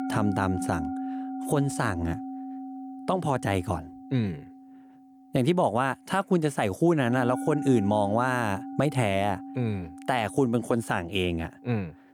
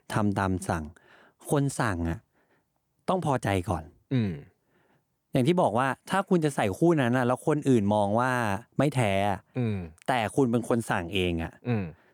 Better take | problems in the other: second | background music; loud; throughout; 10 dB below the speech

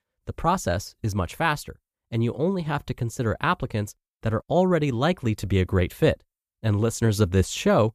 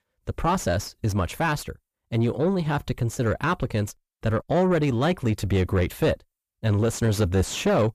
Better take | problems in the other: first | distortion; slight; 9 dB below the speech

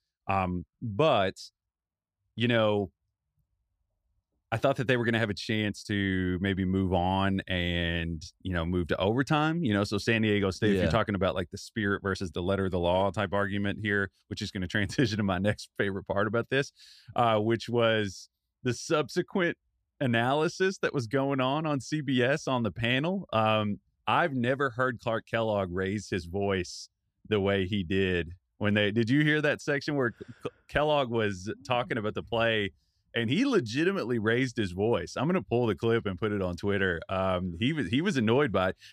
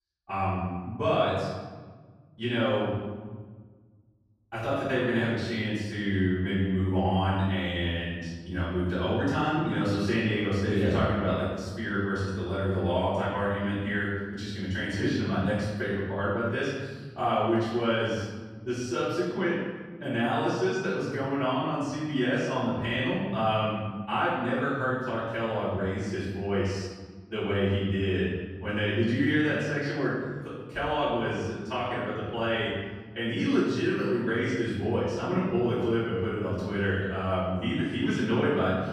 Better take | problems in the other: first | off-mic speech; far // room echo; strong; dies away in 1.5 s

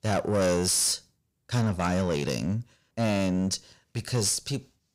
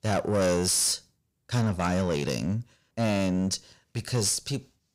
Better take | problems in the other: neither | distortion; slight; 10 dB below the speech; the same in both

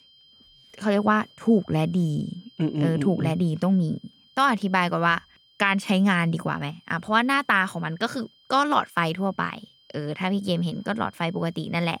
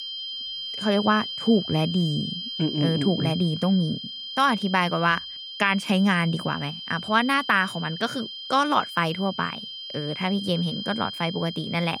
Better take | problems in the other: first | high-pitched whine; loud; throughout; 3 kHz, 8 dB below the speech; faint in the first

